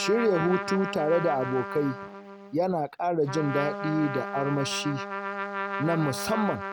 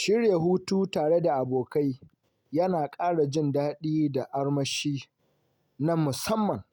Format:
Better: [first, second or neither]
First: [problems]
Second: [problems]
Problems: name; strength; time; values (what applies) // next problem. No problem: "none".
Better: second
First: background sound (Trumpet); 6 dB below the speech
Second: none